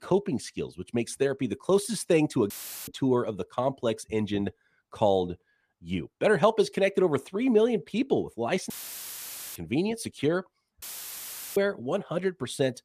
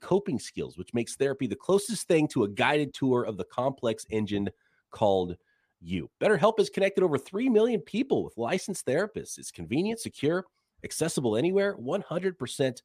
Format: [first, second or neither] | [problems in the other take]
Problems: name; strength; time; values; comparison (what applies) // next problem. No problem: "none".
second | audio cutting out; filled with static; at 2.5 s, at 8.5 s for 1 s and at 11 s for 0.5 s